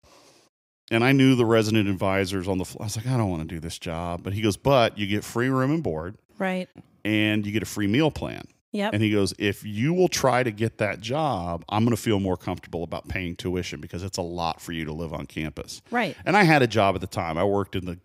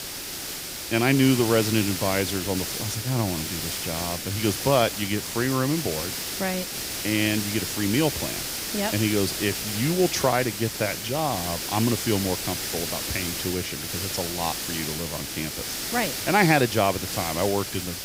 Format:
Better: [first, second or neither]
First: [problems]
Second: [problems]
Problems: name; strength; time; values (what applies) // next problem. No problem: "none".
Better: first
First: none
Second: hiss; loud; throughout; 3 dB below the speech